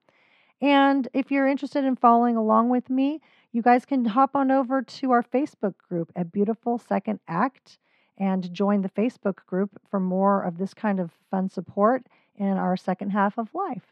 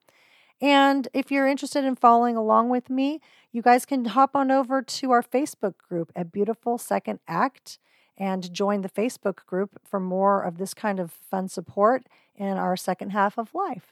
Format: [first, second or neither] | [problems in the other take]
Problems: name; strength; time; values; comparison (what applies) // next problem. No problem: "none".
second | muffled; slightly; fading above 3 kHz